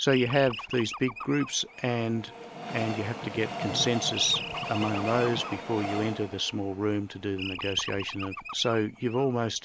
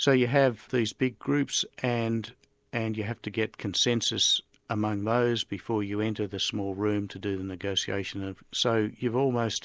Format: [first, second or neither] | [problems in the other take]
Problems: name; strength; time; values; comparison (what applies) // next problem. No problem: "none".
second | background sound (Animal + Train); 8 dB below the speech